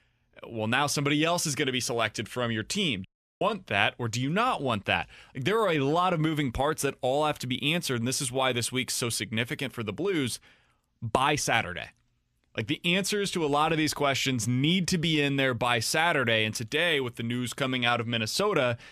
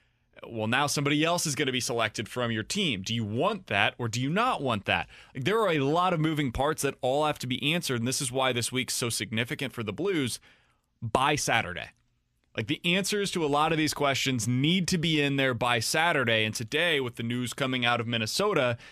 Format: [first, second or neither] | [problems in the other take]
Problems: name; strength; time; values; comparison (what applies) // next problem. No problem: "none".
second | audio cutting out; at 3 s